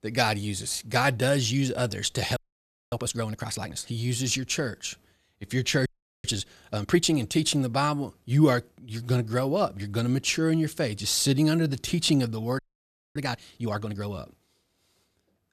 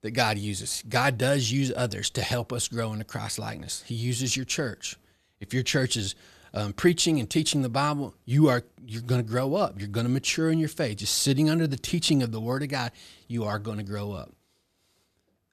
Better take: second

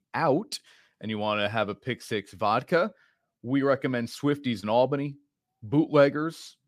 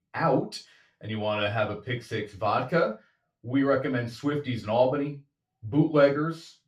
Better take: first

